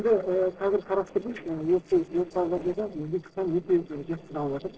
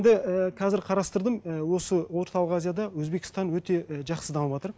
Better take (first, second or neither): second